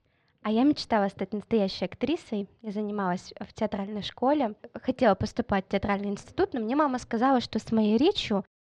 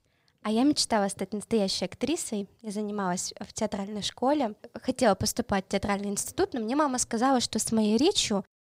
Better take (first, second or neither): second